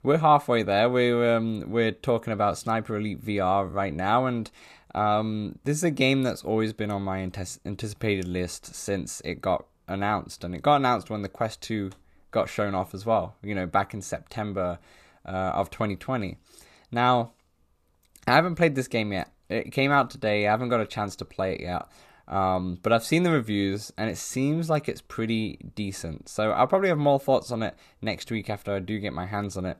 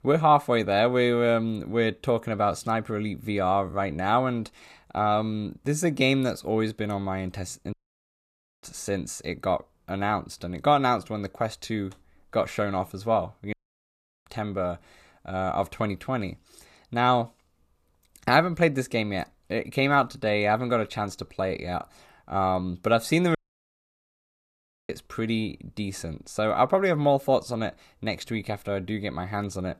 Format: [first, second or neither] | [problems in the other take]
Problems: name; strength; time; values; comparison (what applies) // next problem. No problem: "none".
first | audio cutting out; at 7.5 s for 1 s, at 14 s for 0.5 s and at 23 s for 1.5 s